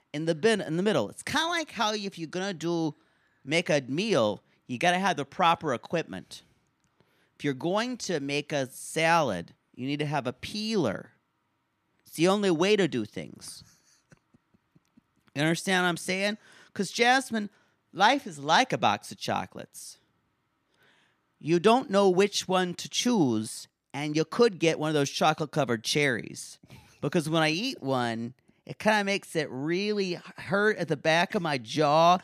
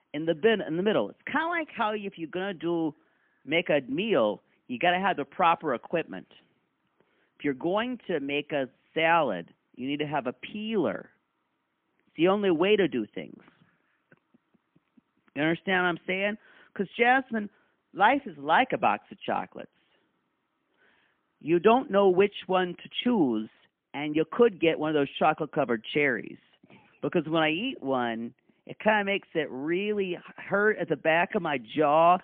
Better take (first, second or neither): first